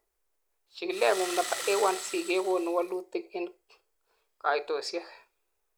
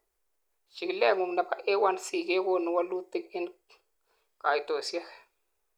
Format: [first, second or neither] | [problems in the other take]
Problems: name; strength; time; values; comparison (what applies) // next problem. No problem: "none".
second | background sound (Engine starting); 8 dB below the speech